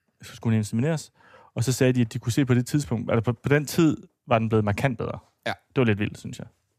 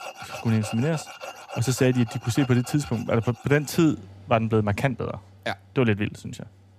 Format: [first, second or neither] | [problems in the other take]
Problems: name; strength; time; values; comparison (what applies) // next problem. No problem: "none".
first | machinery noise; noticeable; throughout; 15 dB below the speech